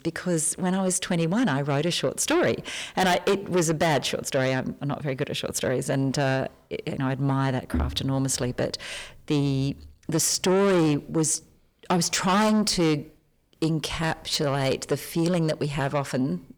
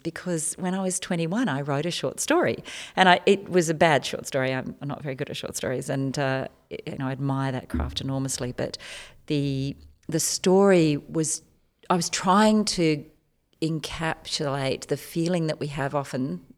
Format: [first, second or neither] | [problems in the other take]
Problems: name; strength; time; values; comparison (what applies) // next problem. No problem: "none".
second | distortion; heavy; 7 dB below the speech